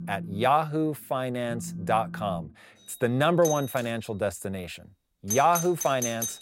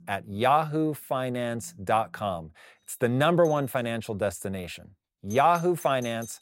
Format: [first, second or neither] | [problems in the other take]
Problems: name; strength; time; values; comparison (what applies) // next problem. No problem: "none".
second | alarms or sirens; loud; throughout; 8 dB below the speech; faint in the second